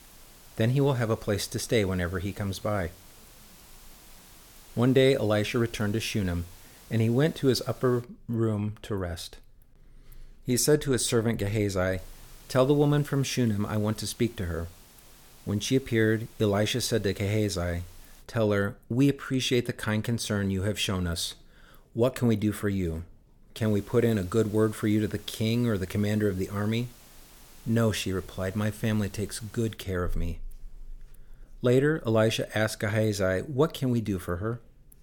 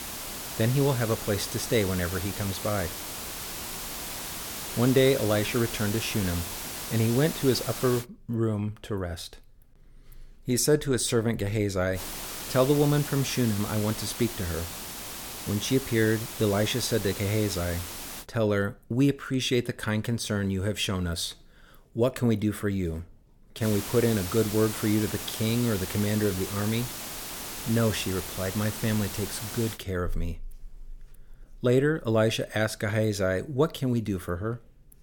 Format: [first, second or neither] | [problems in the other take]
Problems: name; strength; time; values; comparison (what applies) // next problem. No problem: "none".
first | hiss; loud; until 8 s, from 12 to 18 s and from 24 to 30 s; 7 dB below the speech; faint in the first